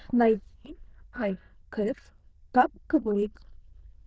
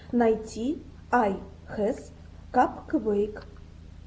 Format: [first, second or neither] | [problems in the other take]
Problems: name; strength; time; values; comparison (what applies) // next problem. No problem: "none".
second | noise reduction (neural diffusion model UNIVERSE++)